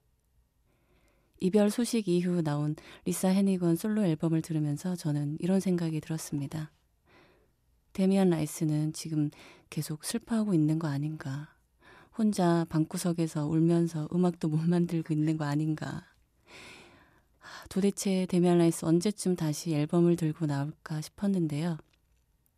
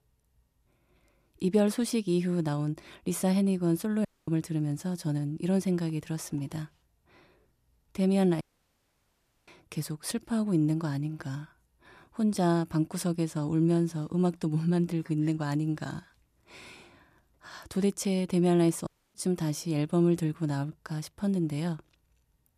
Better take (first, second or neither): first